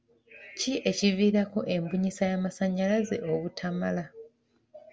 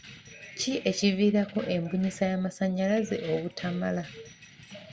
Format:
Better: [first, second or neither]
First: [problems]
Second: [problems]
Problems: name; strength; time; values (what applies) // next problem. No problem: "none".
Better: first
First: none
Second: background sound (Keys jangling); 19 dB below the speech